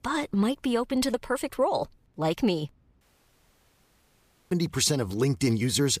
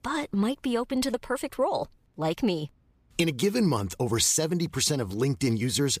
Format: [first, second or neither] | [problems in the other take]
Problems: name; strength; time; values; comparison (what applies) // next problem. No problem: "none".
second | audio cutting out; at 3 s for 1.5 s